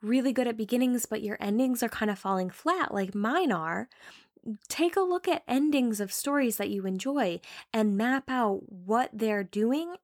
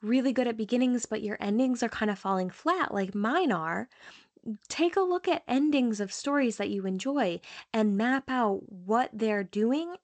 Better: first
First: none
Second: garbled, watery; slightly; nothing above 8 kHz

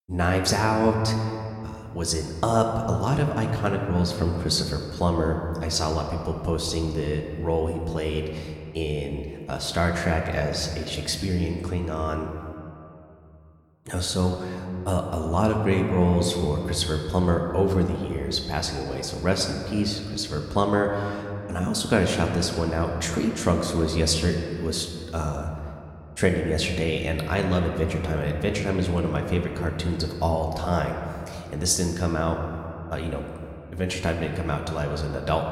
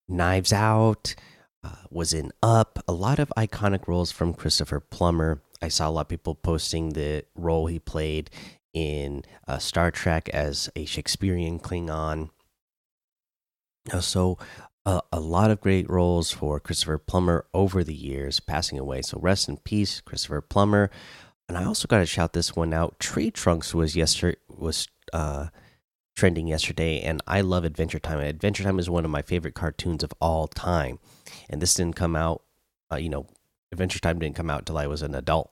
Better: second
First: room echo; slight; dies away in 2.2 s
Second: none

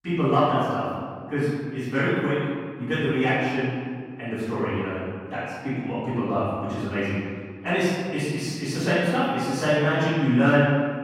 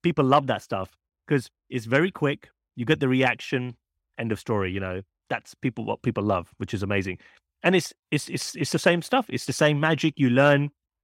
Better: second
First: room echo; strong; dies away in 1.7 s // off-mic speech; far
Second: none

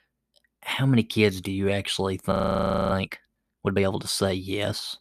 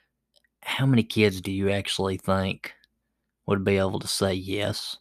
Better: second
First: audio freezing; at 2.5 s for 0.5 s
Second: none

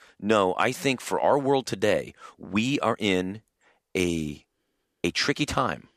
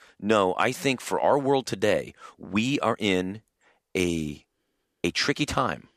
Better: neither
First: none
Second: none

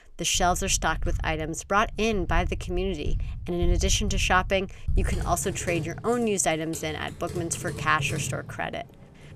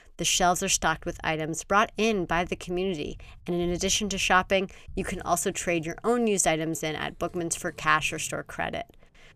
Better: second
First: household noises; loud; throughout; 7 dB below the speech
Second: household noises; faint; throughout; 25 dB below the speech

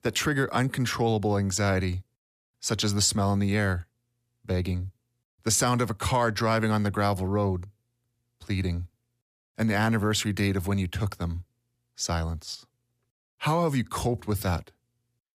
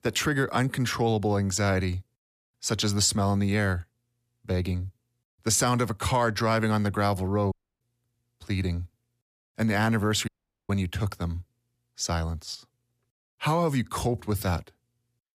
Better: first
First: none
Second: audio cutting out; at 7.5 s and at 10 s

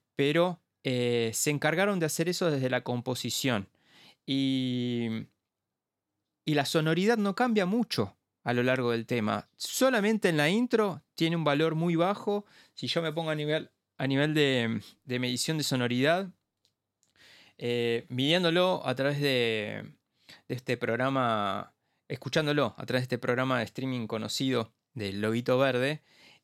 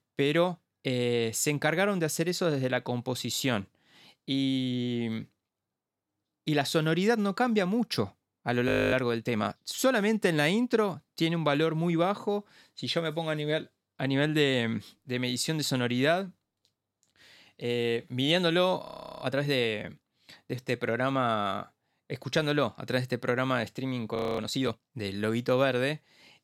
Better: first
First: none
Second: audio freezing; at 8.5 s, at 19 s and at 24 s

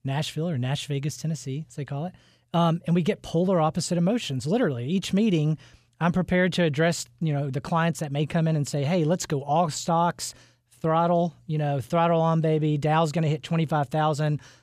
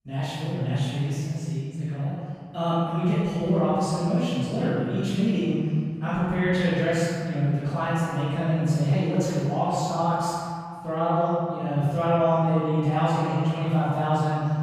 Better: first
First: none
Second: off-mic speech; far // room echo; strong; dies away in 2 s

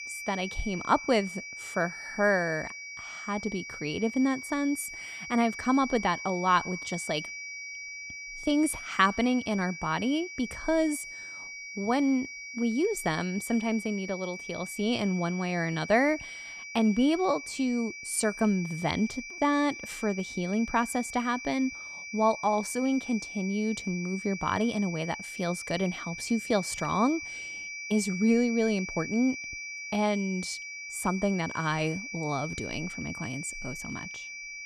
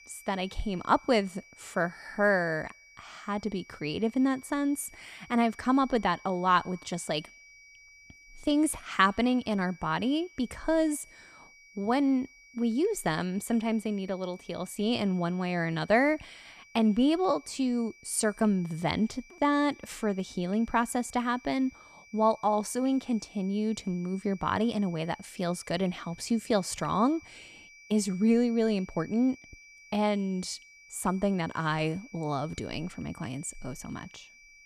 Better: second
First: high-pitched whine; loud; throughout; 2.5 kHz, 9 dB below the speech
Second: high-pitched whine; faint; throughout; 2.5 kHz, 25 dB below the speech

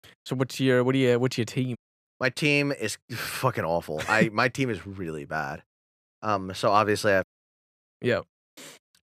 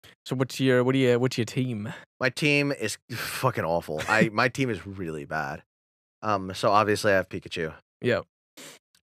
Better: second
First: audio cutting out; at 2 s and at 7 s for 0.5 s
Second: none

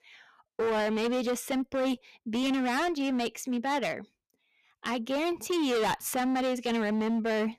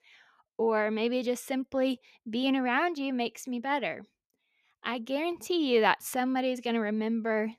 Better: second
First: distortion; heavy; 21% of the sound clipped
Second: none

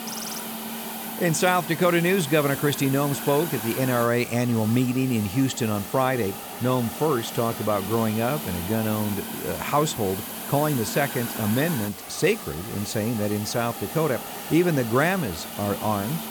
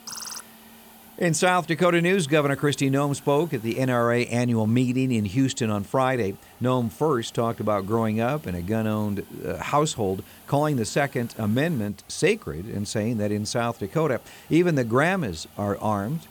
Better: second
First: hiss; loud; throughout; 8 dB below the speech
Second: hiss; faint; throughout; 25 dB below the speech

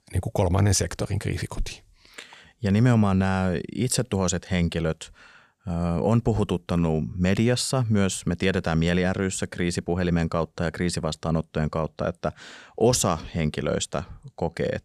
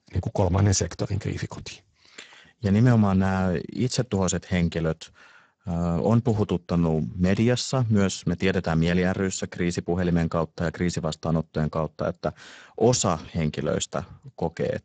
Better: first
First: none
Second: garbled, watery; badly; nothing above 7.5 kHz

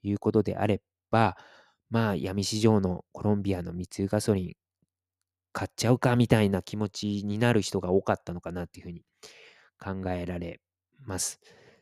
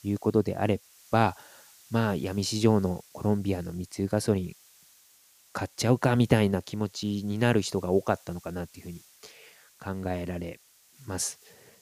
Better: first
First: none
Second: hiss; faint; throughout; 25 dB below the speech

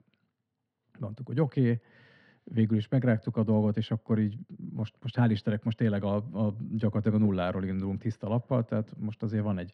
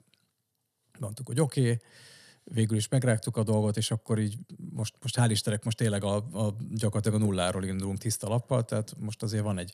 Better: second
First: muffled; very; fading above 2.5 kHz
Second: none

